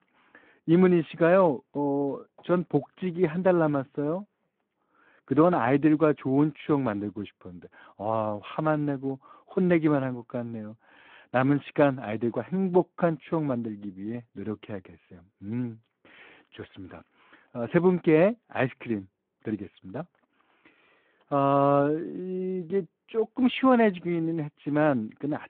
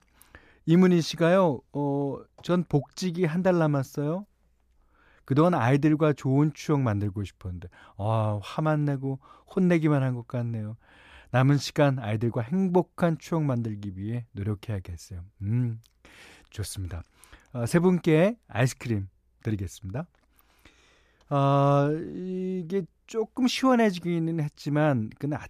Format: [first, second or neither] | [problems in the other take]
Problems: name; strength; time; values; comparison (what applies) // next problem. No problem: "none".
second | phone-call audio